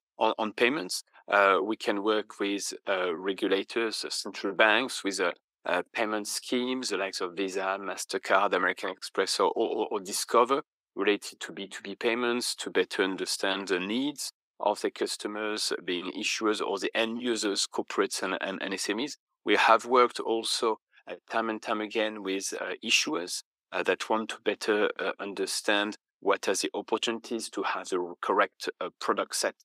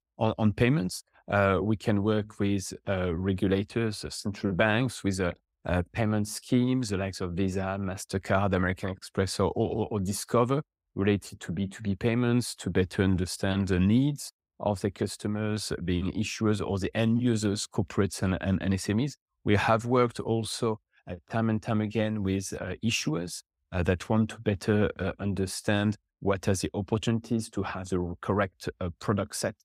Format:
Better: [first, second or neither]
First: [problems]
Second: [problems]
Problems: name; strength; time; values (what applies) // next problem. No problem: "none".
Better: second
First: thin; somewhat; fading below 300 Hz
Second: none